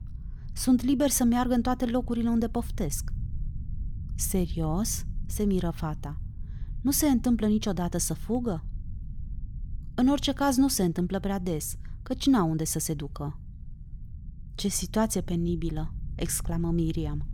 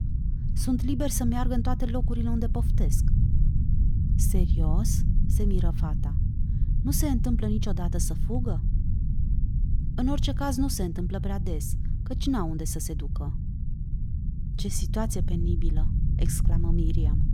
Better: first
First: low rumble; faint; throughout; 25 dB below the speech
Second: low rumble; loud; throughout; 8 dB below the speech

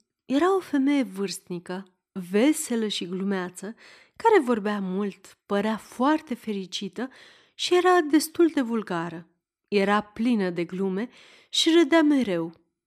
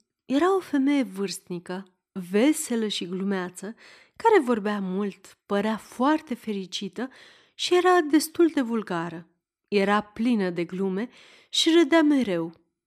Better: neither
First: none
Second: none

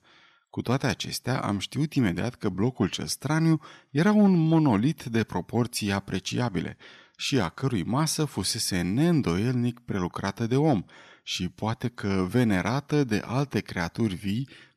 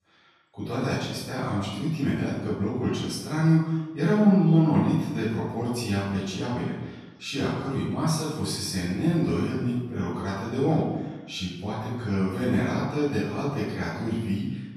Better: first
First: none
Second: off-mic speech; far // room echo; strong; dies away in 0.9 s

